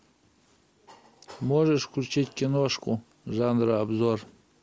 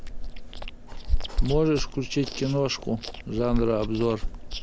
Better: first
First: none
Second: background sound (Chewing, mastication); 1 dB below the speech

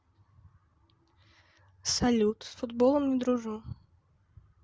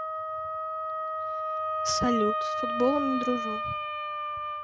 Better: first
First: none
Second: background sound (Wind instrument, woodwind instrument); 1 dB above the speech

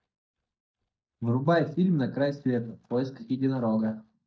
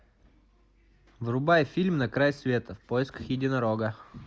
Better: second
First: noise reduction (neural mask model DeepFilterNet 3)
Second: none

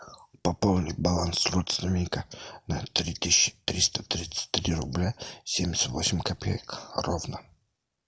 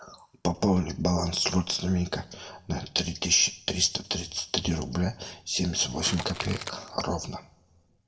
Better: first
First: none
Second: background sound (Crushing / Wood); 10 dB below the speech // room echo; dies away in 0.5 s

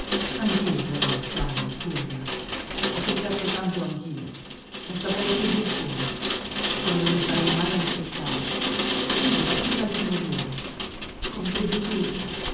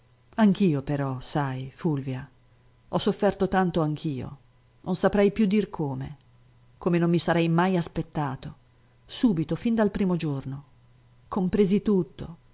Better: second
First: background sound (Rain); 1 dB above the speech // room echo; dies away in 0.9 s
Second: none

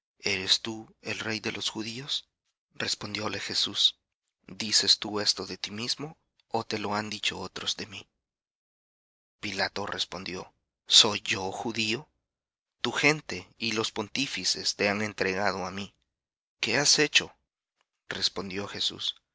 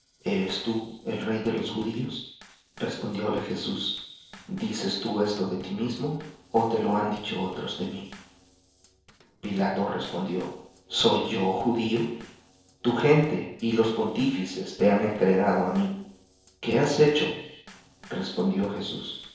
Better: first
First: none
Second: noise reduction (neural separator model SepFormer DNS4)

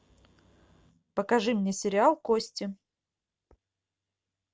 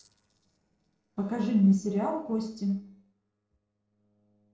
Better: first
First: none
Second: noise reduction (neural separator model SepFormer DNS4)

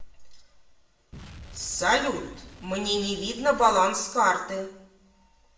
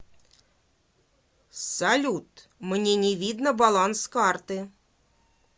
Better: second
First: background sound (Explosion); 18 dB below the speech // room echo; dies away in 0.7 s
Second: none

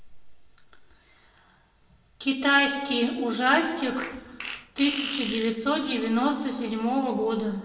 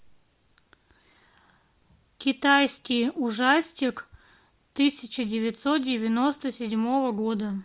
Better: second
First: background sound (Fart); 10 dB below the speech // room echo; dies away in 1.2 s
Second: none

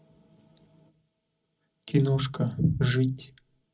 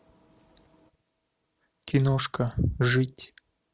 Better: second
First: room echo; dies away in 0.4 s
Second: none

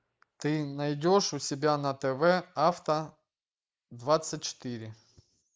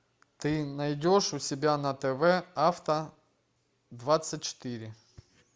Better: second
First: noise reduction (neural mask model Resemble Enhance denoiser)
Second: none

